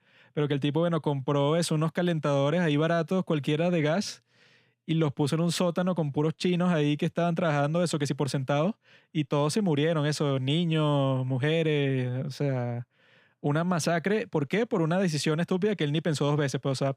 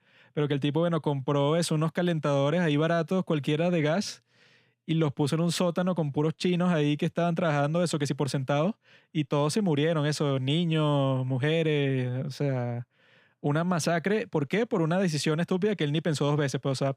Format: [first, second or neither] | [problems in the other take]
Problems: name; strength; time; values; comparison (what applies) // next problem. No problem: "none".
neither | none